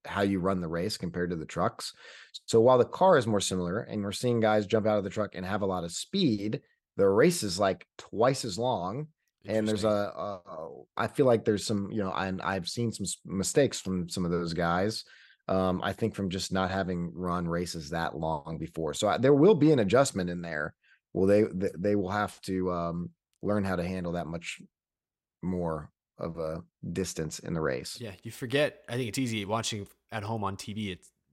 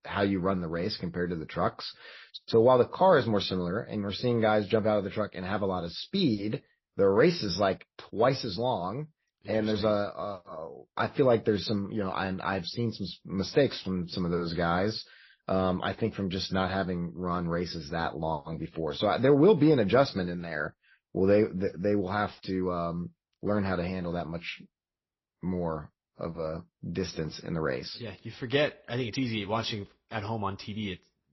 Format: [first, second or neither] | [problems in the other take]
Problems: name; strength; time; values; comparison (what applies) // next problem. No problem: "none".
first | garbled, watery; slightly; nothing above 5.5 kHz